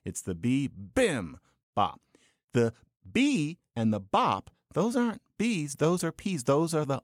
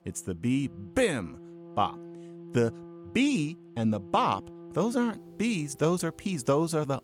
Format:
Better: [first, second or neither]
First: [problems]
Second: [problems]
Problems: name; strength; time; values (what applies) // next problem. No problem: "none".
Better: first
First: none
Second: background music; noticeable; throughout; 20 dB below the speech